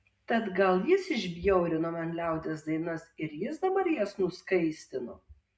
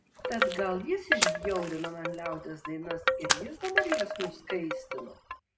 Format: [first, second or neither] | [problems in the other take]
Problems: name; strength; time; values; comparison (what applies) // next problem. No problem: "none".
first | background sound (Wind chime + Splash, splatter); 3 dB above the speech